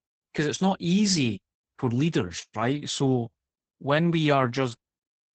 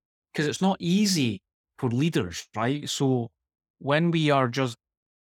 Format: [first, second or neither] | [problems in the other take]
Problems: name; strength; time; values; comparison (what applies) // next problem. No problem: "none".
second | garbled, watery; badly; nothing above 8 kHz